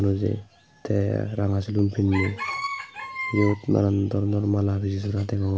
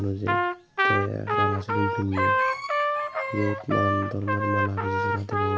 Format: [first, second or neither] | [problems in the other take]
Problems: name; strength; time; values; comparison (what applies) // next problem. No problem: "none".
first | background sound (Trumpet); 2 dB above the speech